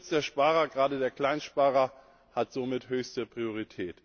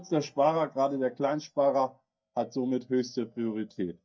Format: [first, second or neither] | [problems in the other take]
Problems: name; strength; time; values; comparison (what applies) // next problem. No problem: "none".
first | noise reduction (neural mask model DeepFilterNet 3)